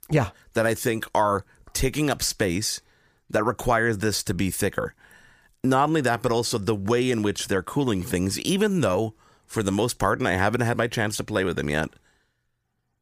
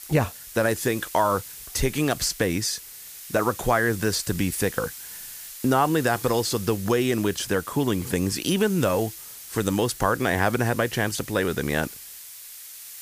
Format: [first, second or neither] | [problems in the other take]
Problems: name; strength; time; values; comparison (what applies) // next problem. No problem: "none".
first | hiss; noticeable; throughout; 15 dB below the speech